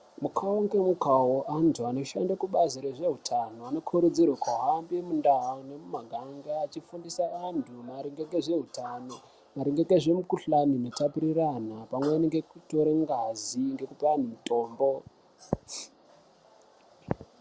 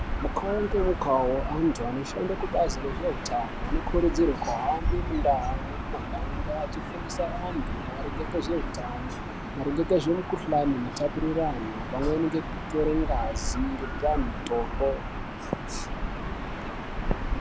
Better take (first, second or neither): first